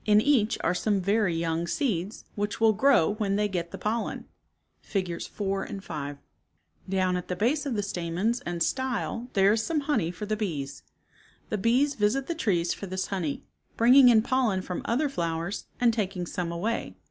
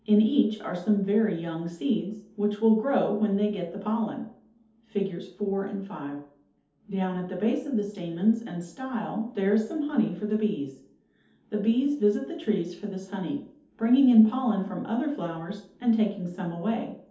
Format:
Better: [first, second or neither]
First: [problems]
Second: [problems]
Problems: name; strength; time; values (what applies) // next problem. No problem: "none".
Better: first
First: none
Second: room echo; dies away in 0.6 s